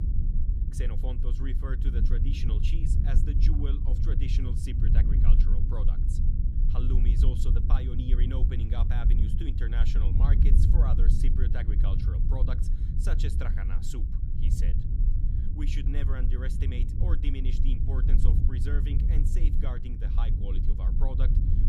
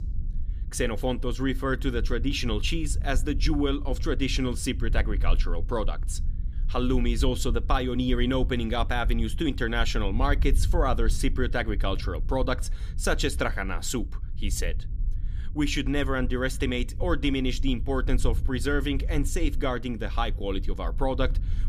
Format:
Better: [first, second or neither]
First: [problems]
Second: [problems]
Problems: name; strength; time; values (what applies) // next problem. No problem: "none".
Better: second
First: low rumble; loud; throughout; 1 dB below the speech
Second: low rumble; faint; throughout; 20 dB below the speech